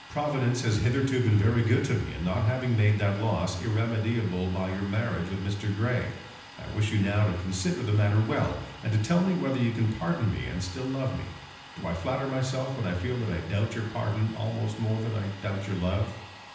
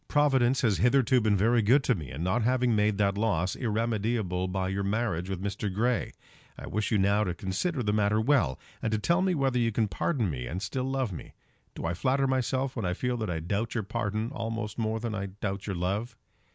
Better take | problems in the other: second | background sound (Domestic sounds, home sounds); 19 dB below the speech // room echo; dies away in 0.9 s

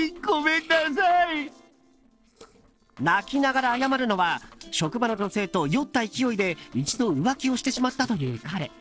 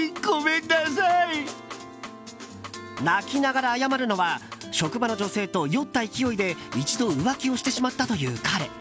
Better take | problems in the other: second | noise reduction (neural separator model SepFormer DNS4)

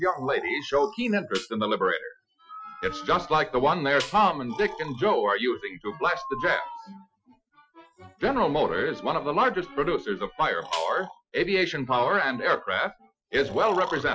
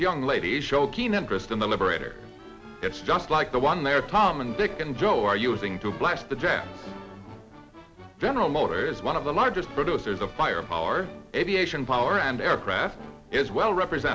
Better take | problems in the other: second | noise reduction (classical method Wiener filter)

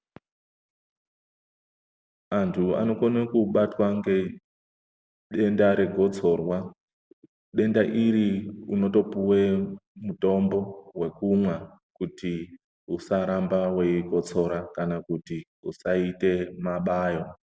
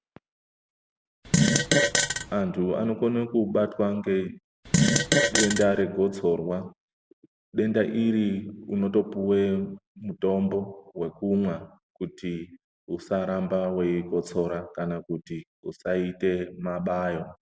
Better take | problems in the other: first | background sound (Fart); 4 dB above the speech

